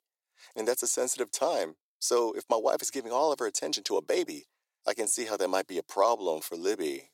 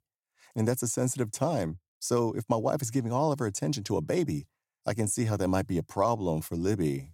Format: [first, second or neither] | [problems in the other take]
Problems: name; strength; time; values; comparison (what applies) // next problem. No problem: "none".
second | thin; very; fading below 400 Hz